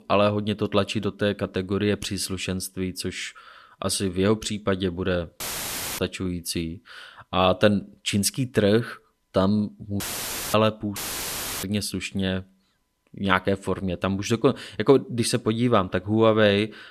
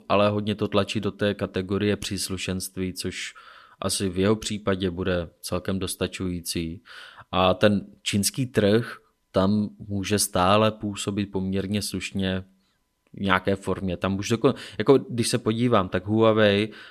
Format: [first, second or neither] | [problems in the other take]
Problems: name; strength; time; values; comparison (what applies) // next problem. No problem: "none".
second | audio cutting out; filled with static; at 5.5 s for 0.5 s, at 10 s for 0.5 s and at 11 s for 0.5 s